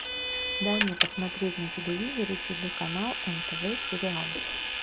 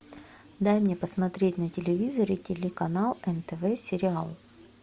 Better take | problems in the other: second | background sound (Vehicle); 1 dB above the speech

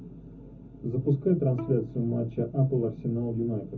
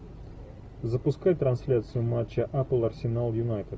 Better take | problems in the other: second | background sound (Bowed string instrument); 18 dB below the speech // room echo; dies away in 0.3 s

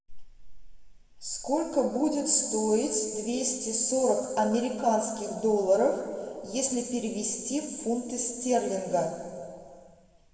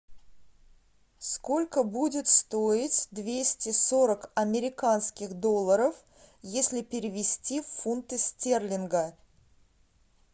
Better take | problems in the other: second | room echo; dies away in 2.1 s

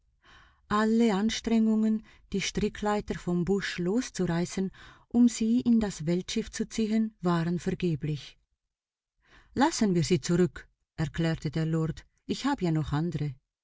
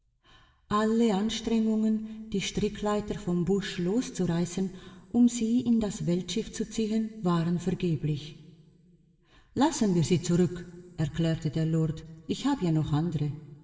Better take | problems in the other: first | room echo; dies away in 2 s

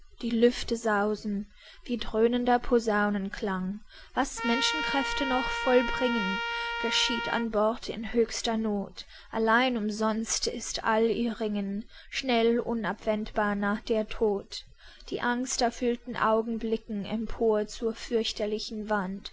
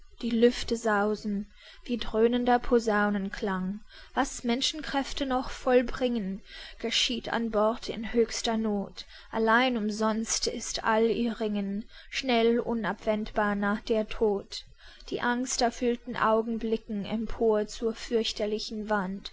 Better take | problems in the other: second | background sound (Trumpet); 4 dB below the speech

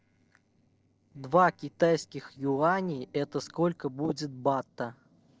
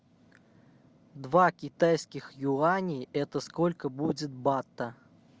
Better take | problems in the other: second | noise reduction (neural separator model SepFormer DNS4)

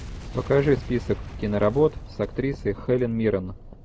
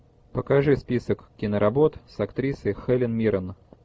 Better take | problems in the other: second | background sound (Boom); 13 dB below the speech

